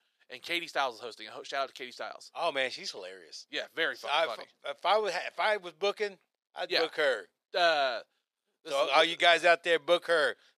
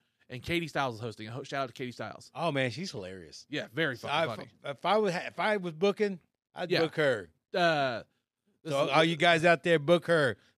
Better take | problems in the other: second | thin; very; fading below 600 Hz

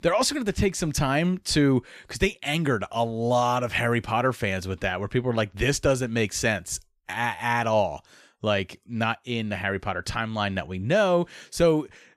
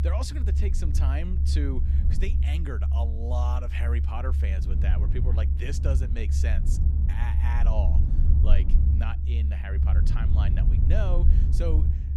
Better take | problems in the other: first | low rumble; loud; throughout; 4 dB below the speech

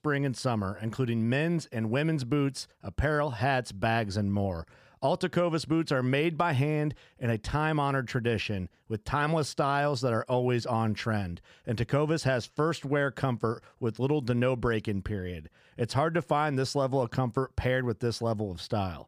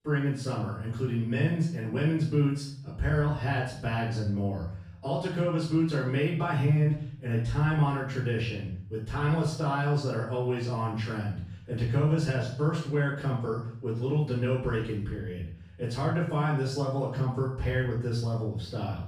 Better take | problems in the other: first | off-mic speech; far // room echo; noticeable; dies away in 0.6 s

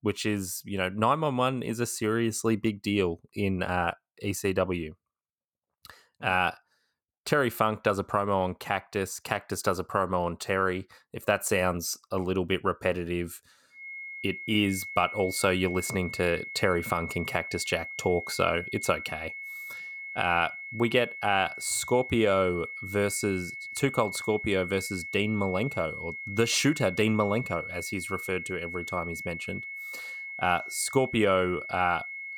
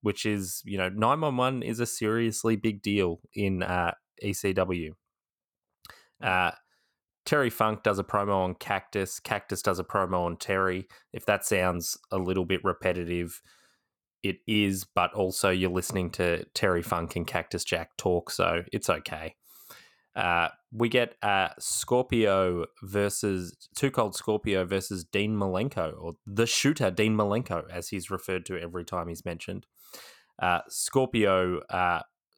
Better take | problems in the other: second | high-pitched whine; loud; from 14 s on; 2 kHz, 8 dB below the speech

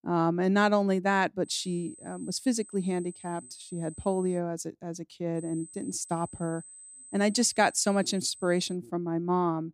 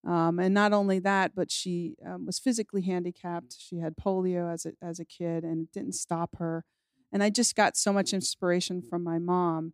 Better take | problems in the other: second | high-pitched whine; noticeable; from 1.5 to 4.5 s and from 5.5 to 8.5 s; 8 kHz, 20 dB below the speech

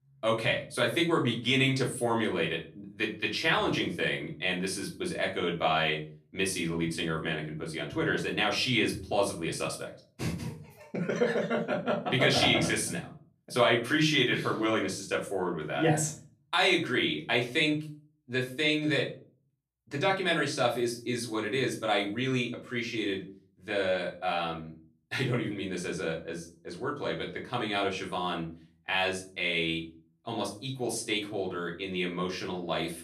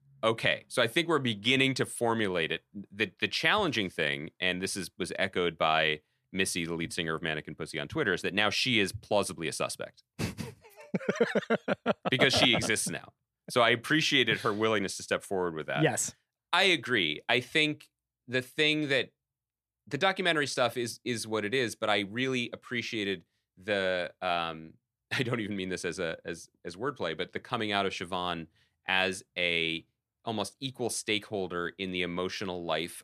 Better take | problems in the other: second | off-mic speech; far // room echo; slight; dies away in 0.4 s

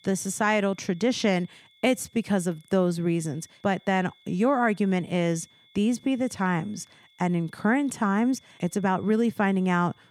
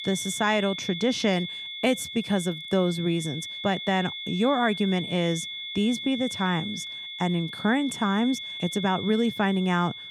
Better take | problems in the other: first | high-pitched whine; loud; throughout; 3.5 kHz, 7 dB below the speech; faint in the first

